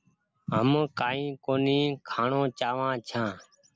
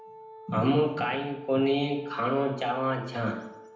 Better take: first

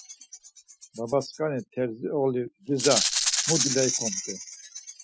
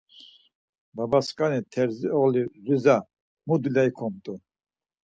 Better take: second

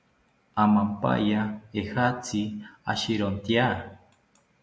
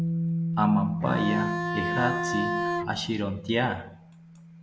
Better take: first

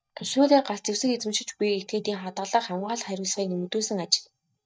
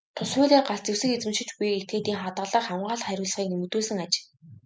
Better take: second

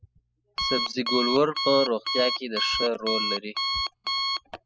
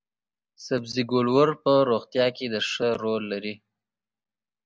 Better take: second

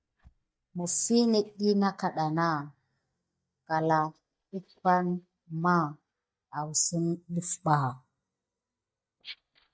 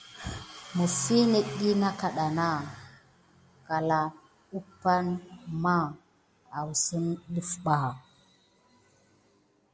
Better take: second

